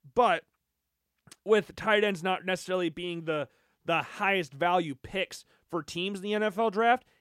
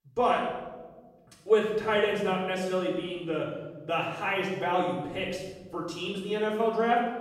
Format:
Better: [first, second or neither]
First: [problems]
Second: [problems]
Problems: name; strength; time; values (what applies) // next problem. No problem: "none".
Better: first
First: none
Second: off-mic speech; far // room echo; noticeable; dies away in 1.4 s